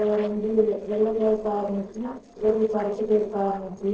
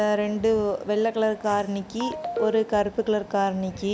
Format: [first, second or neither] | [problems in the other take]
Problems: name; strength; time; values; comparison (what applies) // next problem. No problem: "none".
second | noise reduction (neural separator model SepFormer DNS4)